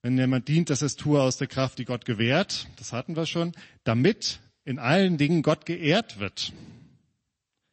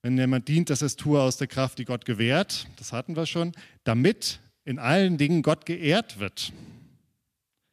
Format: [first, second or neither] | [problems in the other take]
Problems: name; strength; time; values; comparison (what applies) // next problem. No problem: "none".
second | garbled, watery; slightly; nothing above 8 kHz